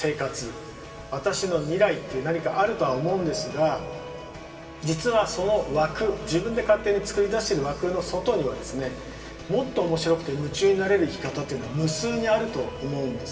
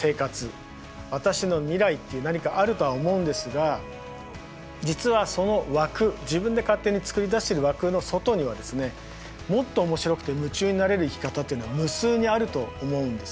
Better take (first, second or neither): second